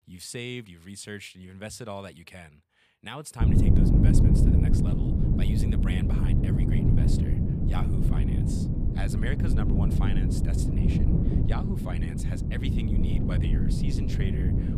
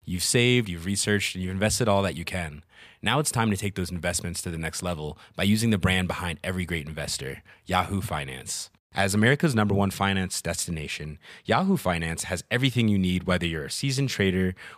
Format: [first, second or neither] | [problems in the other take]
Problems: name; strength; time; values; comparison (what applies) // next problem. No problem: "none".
second | wind noise on the microphone; heavy; from 3.5 s on; 5 dB above the speech